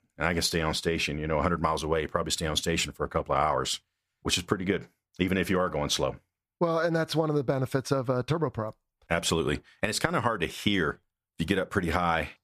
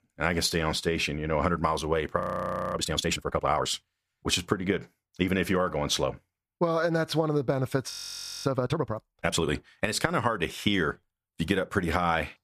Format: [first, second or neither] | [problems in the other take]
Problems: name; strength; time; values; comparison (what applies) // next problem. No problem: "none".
first | audio freezing; at 2 s for 0.5 s and at 8 s for 0.5 s